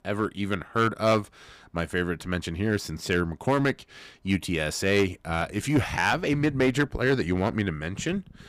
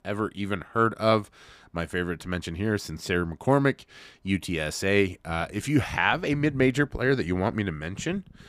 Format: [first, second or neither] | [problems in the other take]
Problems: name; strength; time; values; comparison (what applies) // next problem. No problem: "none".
second | distortion; slight; 4% of the sound clipped